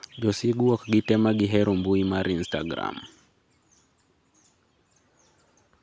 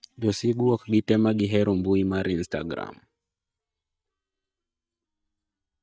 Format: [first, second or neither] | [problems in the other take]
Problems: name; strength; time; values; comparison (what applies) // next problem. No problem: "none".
first | noise reduction (neural mask model DeepFilterNet 3)